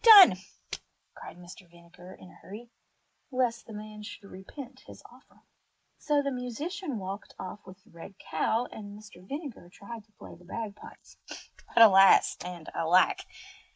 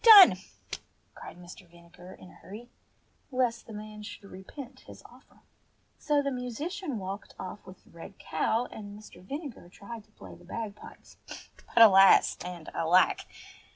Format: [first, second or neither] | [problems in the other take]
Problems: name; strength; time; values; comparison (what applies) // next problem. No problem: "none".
second | noise reduction (neural mask model Resemble Enhance denoiser)